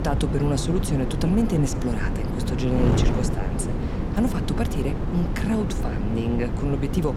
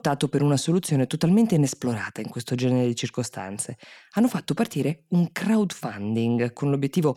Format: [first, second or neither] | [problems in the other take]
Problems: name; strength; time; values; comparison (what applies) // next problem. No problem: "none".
second | wind noise on the microphone; heavy; 2 dB below the speech